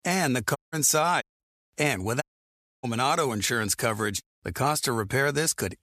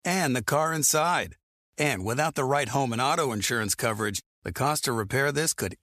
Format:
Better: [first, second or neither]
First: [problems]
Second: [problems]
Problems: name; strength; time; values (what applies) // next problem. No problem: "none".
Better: second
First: audio cutting out; at 0.5 s, at 1 s and at 2 s for 0.5 s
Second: none